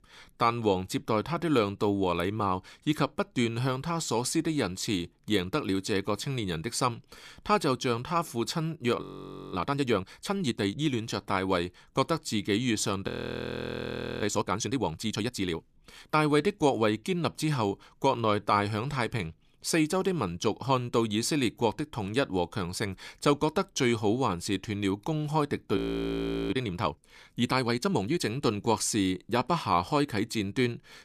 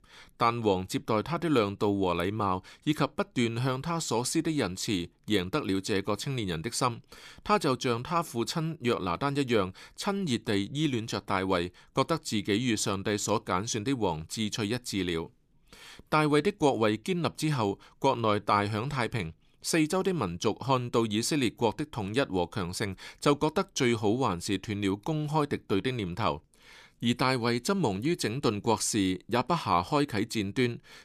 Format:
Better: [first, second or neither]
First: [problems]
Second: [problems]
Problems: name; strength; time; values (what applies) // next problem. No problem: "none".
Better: second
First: audio freezing; at 9 s for 0.5 s, at 13 s for 1 s and at 26 s for 0.5 s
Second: none